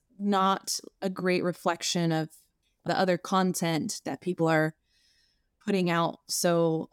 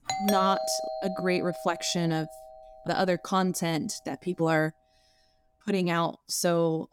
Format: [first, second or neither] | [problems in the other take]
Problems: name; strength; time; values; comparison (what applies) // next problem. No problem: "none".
first | doorbell; noticeable; until 2 s; peak 1 dB below the speech